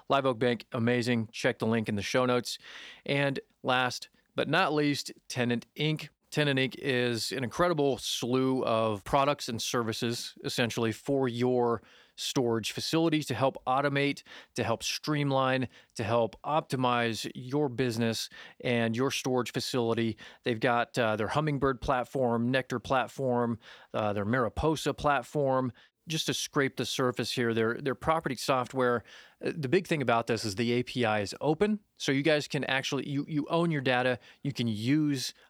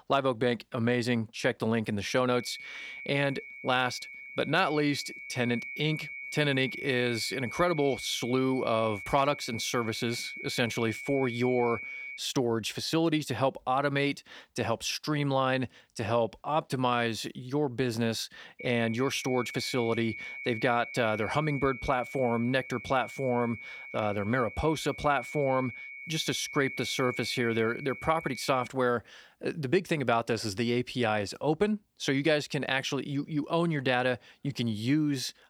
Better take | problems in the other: first | high-pitched whine; noticeable; from 2.5 to 12 s and from 19 to 29 s; 2 kHz, 10 dB below the speech

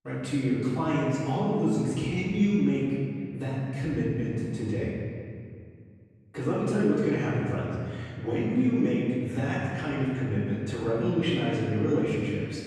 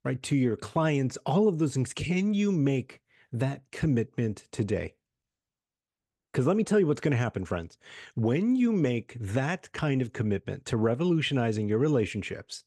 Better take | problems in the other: second | off-mic speech; far // room echo; strong; dies away in 2.1 s

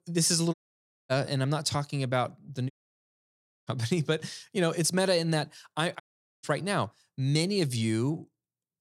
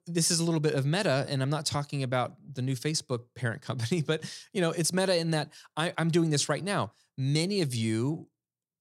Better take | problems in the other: second | audio cutting out; at 0.5 s for 0.5 s, at 2.5 s for 1 s and at 6 s

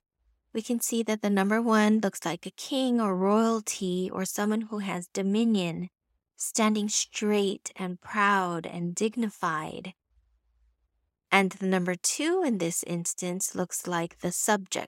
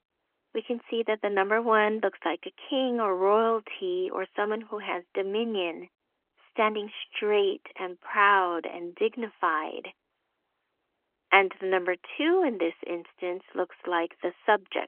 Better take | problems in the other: first | phone-call audio; nothing above 3.5 kHz

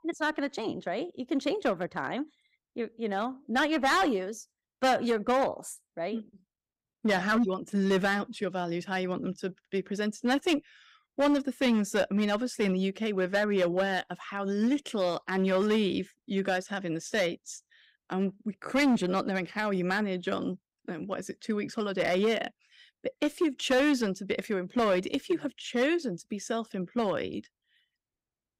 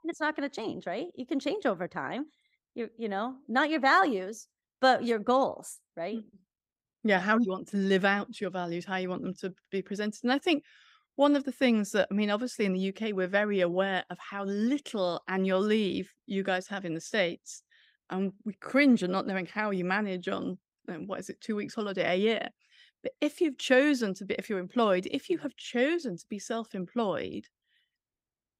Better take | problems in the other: second | distortion; slight; 4% of the sound clipped

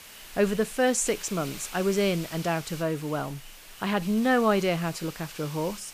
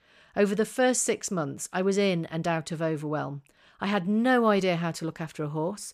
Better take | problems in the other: second | hiss; noticeable; throughout; 15 dB below the speech

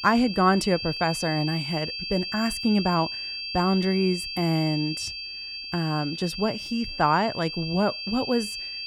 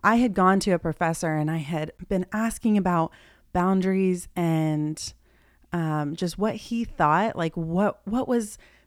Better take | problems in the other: second | high-pitched whine; loud; throughout; 4.5 kHz, 6 dB below the speech

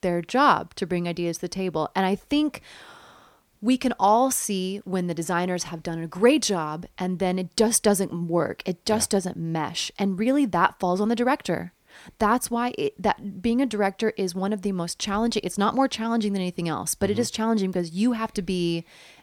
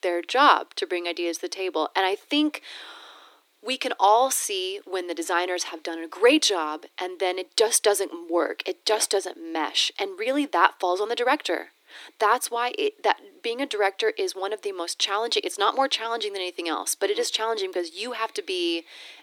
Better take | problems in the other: first | thin; somewhat; fading below 300 Hz

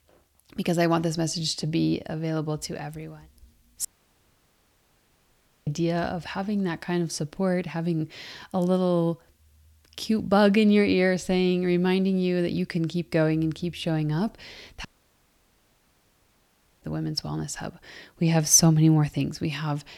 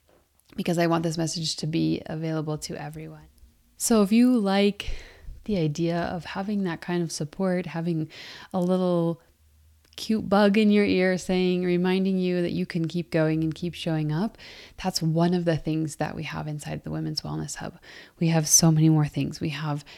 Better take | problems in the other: second | audio cutting out; at 4 s for 2 s and at 15 s for 2 s

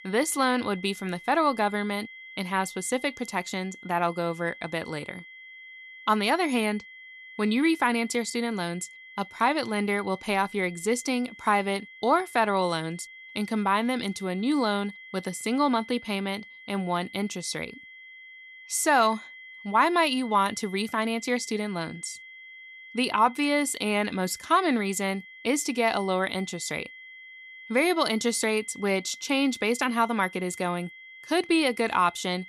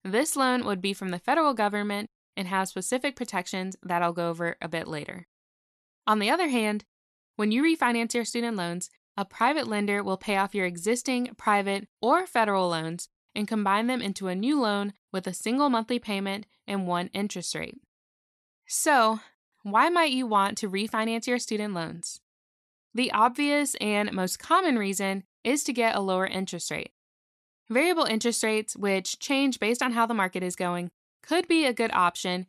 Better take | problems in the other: second | high-pitched whine; noticeable; throughout; 2 kHz, 15 dB below the speech

